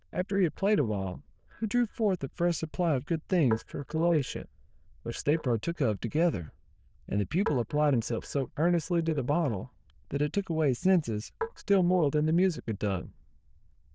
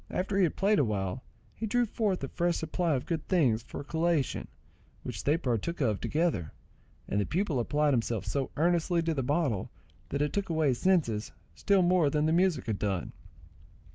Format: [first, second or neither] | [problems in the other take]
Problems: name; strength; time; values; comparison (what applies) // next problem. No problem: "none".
second | noise reduction (neural diffusion model UNIVERSE++)